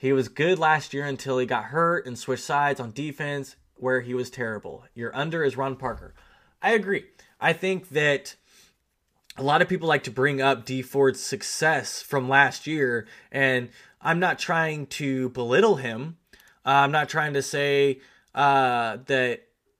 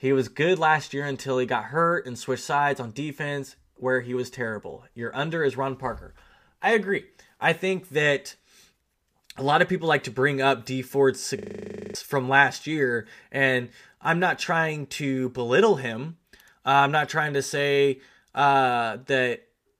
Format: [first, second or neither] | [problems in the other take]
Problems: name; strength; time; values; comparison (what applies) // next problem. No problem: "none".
first | audio freezing; at 11 s for 0.5 s